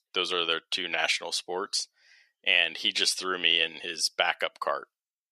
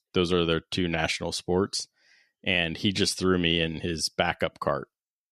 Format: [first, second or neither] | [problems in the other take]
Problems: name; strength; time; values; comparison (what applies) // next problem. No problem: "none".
second | thin; very; fading below 650 Hz